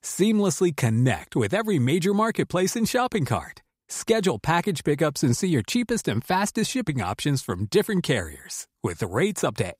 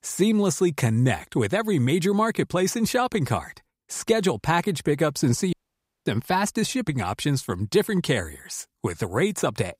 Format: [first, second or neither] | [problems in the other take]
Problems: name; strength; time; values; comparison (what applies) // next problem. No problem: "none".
first | audio cutting out; at 5.5 s for 0.5 s